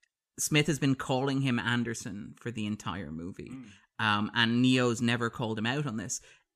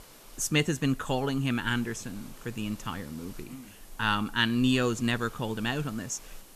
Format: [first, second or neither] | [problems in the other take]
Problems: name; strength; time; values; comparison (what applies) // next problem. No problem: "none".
first | hiss; faint; throughout; 20 dB below the speech